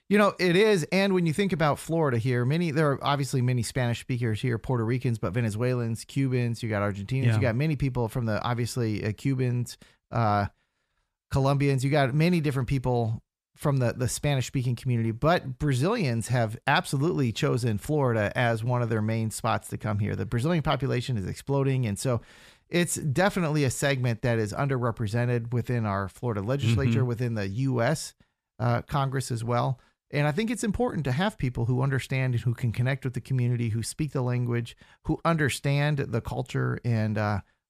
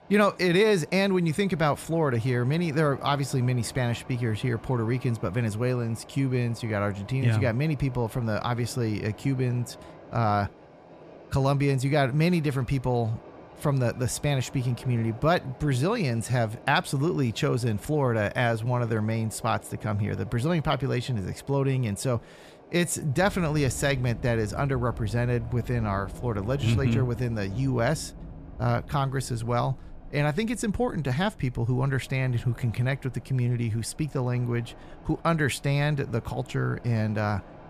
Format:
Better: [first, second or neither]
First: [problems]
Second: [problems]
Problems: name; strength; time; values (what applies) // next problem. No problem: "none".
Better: first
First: none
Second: train or aircraft noise; noticeable; throughout; 20 dB below the speech